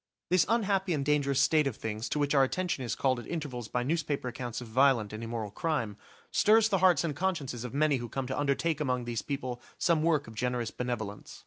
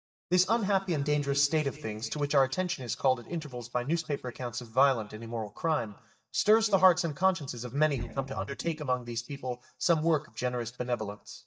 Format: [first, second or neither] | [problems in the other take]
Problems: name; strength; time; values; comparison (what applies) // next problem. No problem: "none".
first | noise reduction (neural mask model DeepFilterNet 3)